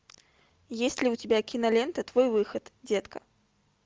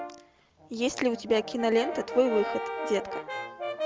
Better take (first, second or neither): first